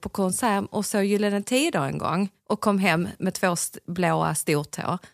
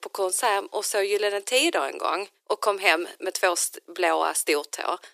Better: first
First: none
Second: thin; very; fading below 350 Hz

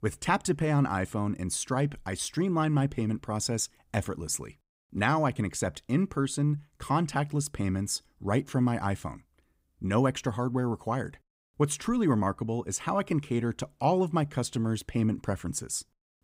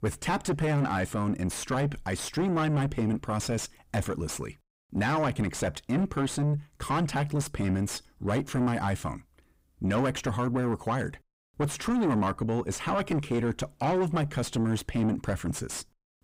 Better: first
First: none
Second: distortion; heavy; 5 dB below the speech

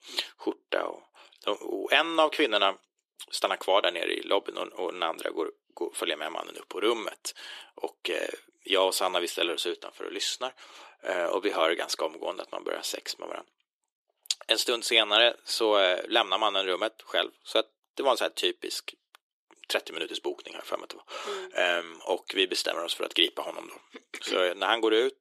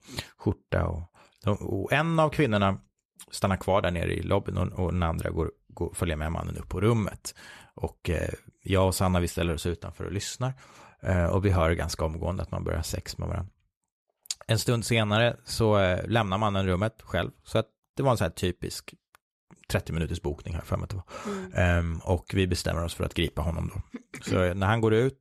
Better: second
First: thin; very; fading below 350 Hz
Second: none

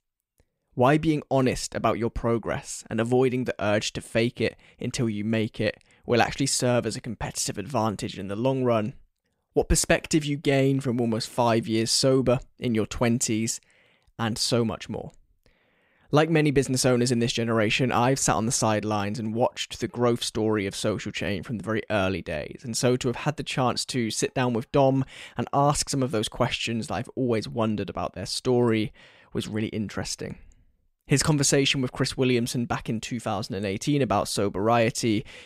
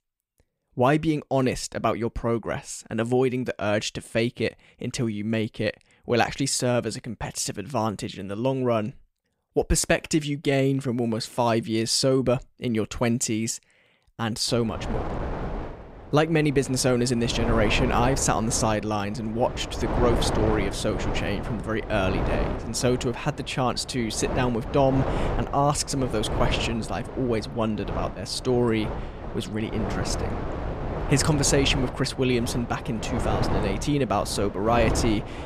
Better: first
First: none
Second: wind noise on the microphone; heavy; from 14 s on; 7 dB below the speech

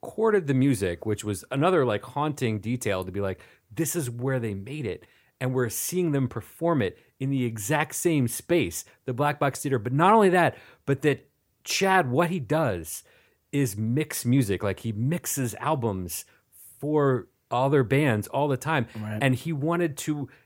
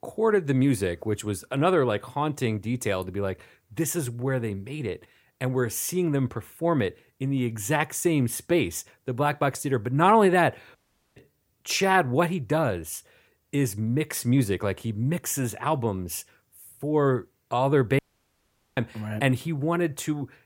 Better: first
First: none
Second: audio cutting out; at 11 s and at 18 s for 1 s

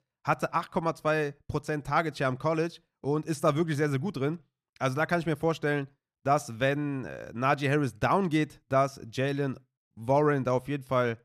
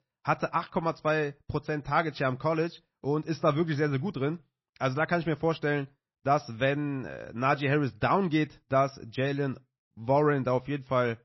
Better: first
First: none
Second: garbled, watery; slightly; nothing above 5.5 kHz

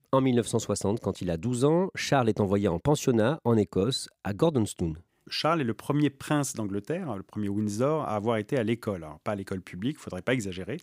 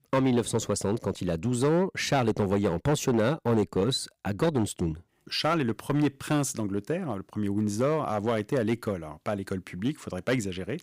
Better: first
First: none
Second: distortion; slight; 5% of the sound clipped

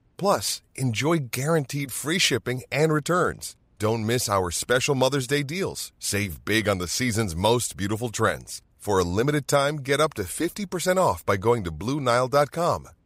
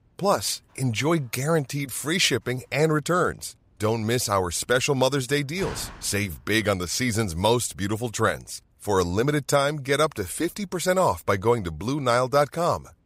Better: first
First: none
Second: door banging; faint; at 5.5 s; peak 10 dB below the speech

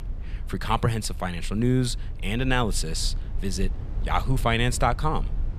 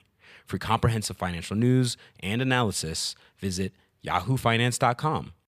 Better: second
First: low rumble; faint; throughout; 20 dB below the speech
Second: none

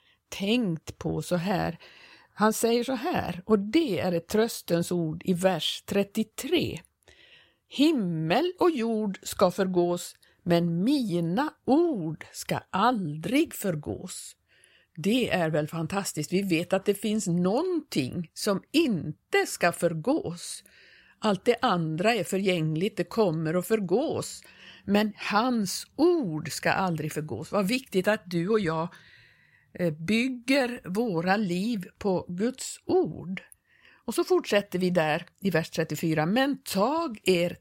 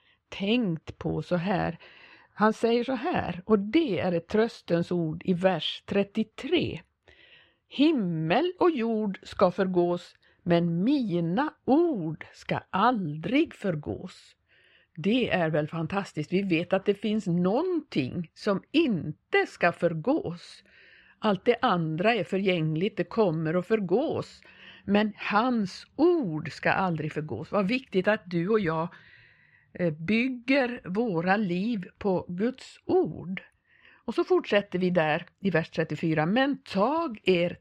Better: first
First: none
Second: muffled; slightly; fading above 2.5 kHz

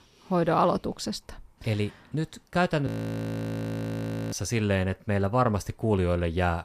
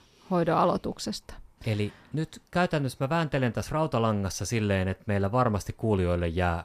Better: second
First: audio freezing; at 3 s for 1.5 s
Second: none

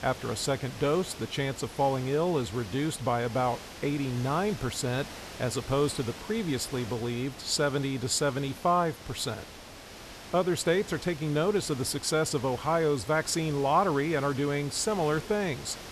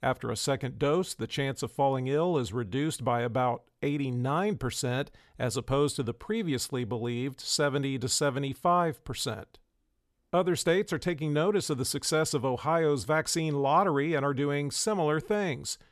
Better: second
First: hiss; noticeable; throughout; 15 dB below the speech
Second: none

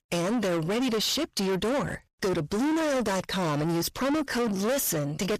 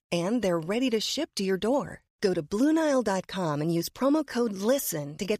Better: second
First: distortion; heavy; 6 dB below the speech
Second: none

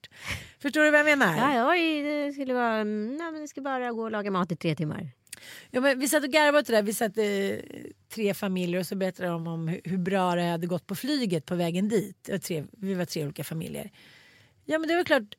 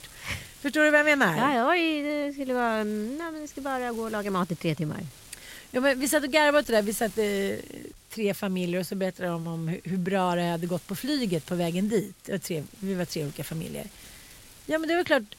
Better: first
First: none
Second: wind noise on the microphone; occasional gusts; 25 dB below the speech

